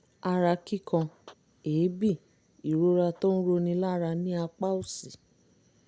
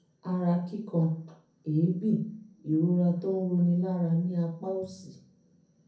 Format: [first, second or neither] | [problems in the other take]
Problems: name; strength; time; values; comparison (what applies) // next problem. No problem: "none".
first | room echo; dies away in 0.5 s